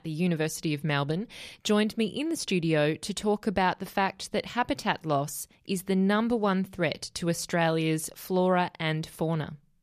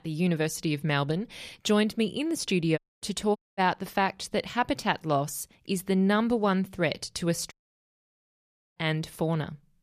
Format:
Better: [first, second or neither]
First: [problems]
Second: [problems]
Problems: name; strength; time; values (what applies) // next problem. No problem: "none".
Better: first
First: none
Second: audio cutting out; at 3 s, at 3.5 s and at 7.5 s for 1 s